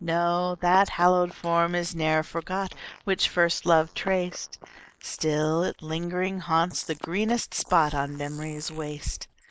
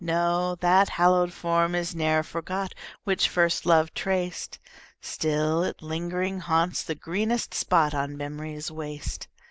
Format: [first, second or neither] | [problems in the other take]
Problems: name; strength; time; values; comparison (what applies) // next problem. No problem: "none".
second | noise reduction (neural mask model Resemble Enhance denoiser)